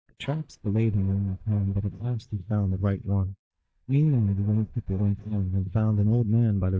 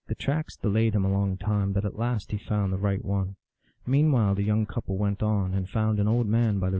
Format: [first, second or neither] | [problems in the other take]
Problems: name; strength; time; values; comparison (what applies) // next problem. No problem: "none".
second | noise reduction (neural mask model DeepFilterNet 3)